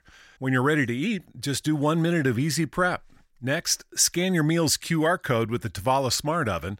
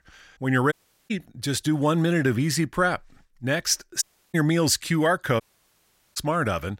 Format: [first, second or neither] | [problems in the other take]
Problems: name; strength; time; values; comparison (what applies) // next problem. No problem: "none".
first | audio cutting out; at 0.5 s, at 4 s and at 5.5 s for 1 s